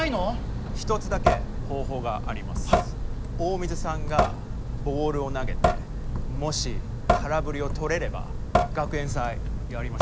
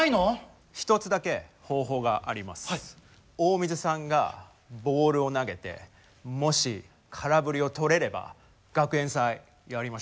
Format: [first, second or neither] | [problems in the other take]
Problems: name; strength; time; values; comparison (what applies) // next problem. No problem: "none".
second | background sound (Drip / Sink (filling or washing) / Water tap, faucet); 4 dB above the speech